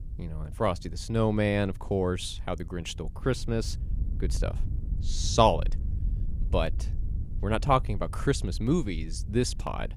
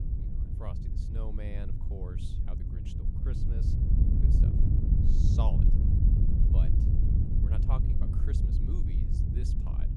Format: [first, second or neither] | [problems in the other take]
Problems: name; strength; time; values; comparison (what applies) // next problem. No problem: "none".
first | wind noise on the microphone; heavy; 3 dB above the speech; occasional gusts in the first